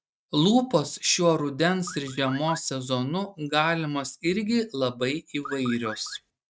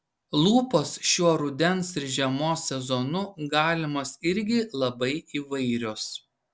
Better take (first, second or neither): second